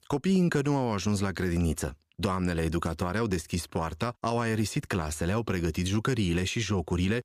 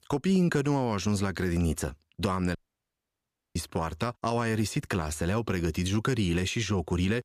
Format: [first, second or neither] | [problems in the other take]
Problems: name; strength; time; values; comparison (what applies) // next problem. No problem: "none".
first | audio cutting out; at 2.5 s for 1 s